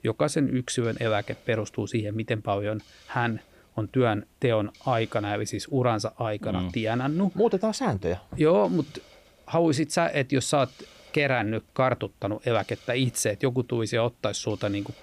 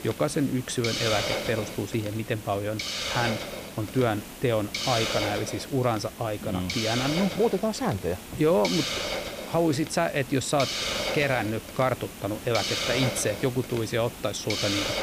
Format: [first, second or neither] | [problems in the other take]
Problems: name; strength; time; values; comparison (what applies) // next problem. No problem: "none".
first | hiss; loud; throughout; 4 dB below the speech; faint in the first